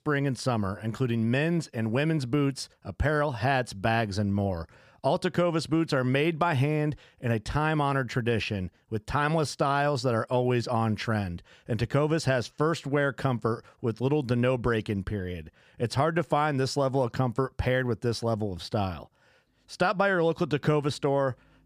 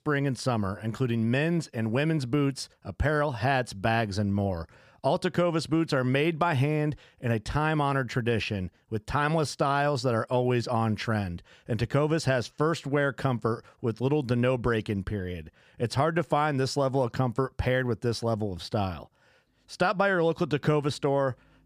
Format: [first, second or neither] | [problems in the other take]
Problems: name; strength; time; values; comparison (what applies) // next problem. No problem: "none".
neither | none